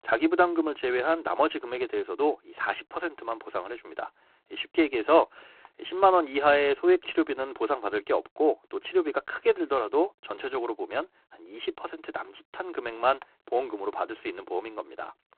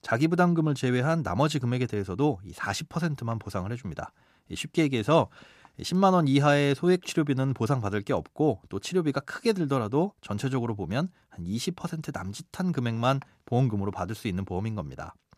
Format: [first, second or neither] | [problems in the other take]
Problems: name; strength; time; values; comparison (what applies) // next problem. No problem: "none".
second | phone-call audio; poor line; nothing above 4 kHz